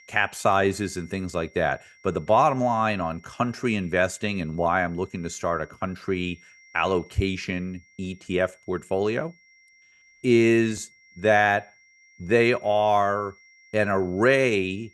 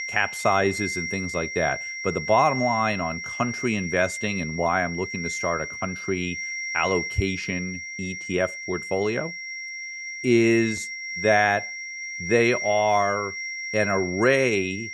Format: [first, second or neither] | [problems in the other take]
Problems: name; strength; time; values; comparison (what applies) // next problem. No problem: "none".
first | high-pitched whine; loud; throughout; 2 kHz, 6 dB below the speech; faint in the first